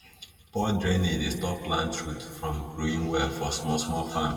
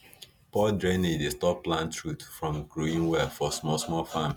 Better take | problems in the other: second | room echo; dies away in 1.8 s

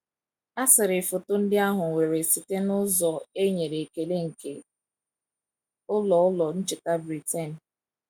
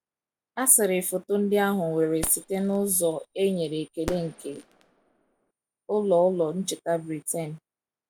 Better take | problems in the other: first | background sound (Fireworks); 16 dB below the speech

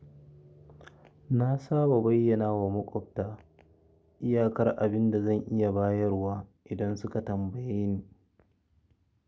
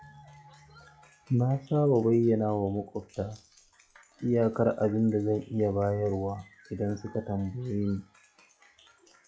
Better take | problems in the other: first | noise reduction (classical method log-MMSE)

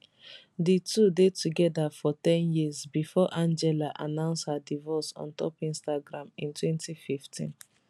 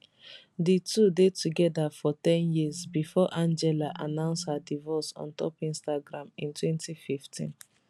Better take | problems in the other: first | background sound (Telephone); 19 dB below the speech

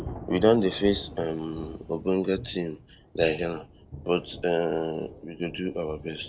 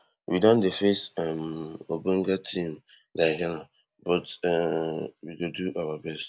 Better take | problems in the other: second | background sound (Thunder / Rain); 14 dB below the speech

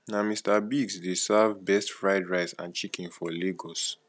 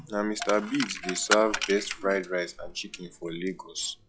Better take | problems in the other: first | noise reduction (classical method log-MMSE)

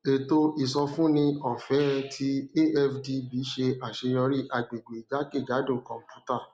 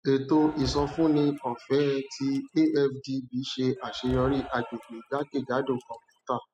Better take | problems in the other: first | noise reduction (classical method spectral subtraction)

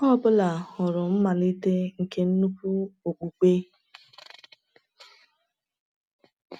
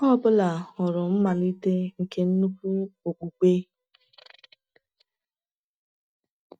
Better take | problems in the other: first | noise reduction (neural mask model DeepFilterNet 3)

